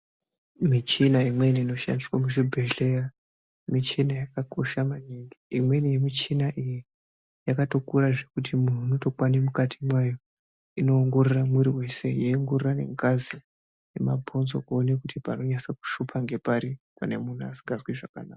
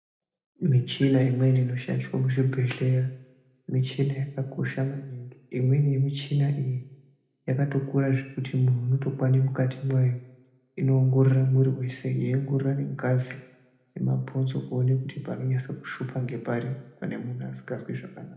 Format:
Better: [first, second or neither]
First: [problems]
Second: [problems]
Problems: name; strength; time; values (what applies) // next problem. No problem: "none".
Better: first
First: none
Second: room echo; dies away in 0.7 s